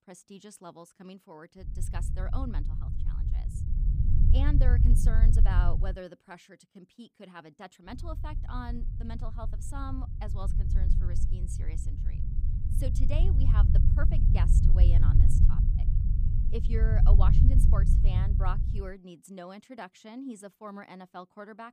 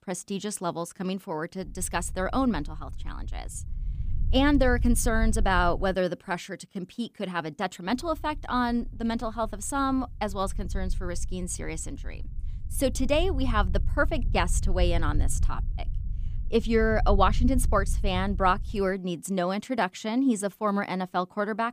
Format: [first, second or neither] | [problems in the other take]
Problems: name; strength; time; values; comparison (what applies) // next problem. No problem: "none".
second | low rumble; loud; from 1.5 to 6 s and from 8 to 19 s; 2 dB below the speech; faint in the second